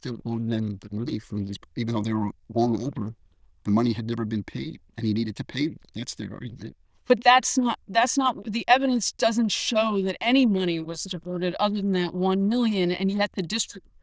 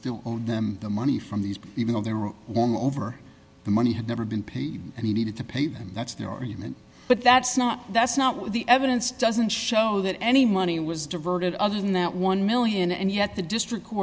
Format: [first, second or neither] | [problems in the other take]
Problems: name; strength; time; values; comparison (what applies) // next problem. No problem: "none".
second | noise reduction (neural diffusion model UNIVERSE++)